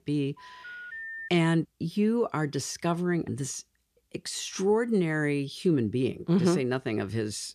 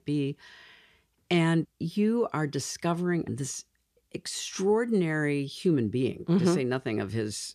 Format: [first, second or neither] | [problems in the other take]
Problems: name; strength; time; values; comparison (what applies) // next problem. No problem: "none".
second | phone ringing; noticeable; at 0.5 s; peak 9 dB below the speech